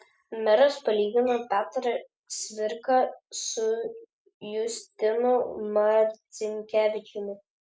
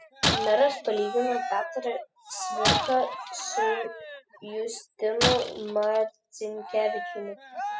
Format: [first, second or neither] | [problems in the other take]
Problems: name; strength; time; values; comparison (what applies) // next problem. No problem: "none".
first | noise reduction (classical method spectral subtraction)